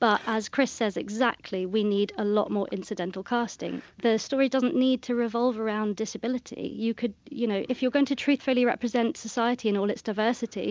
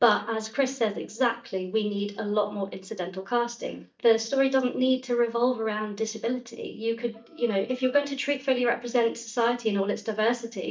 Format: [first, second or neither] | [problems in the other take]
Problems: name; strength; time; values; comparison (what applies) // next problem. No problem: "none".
first | noise reduction (neural mask model DeepFilterNet 3)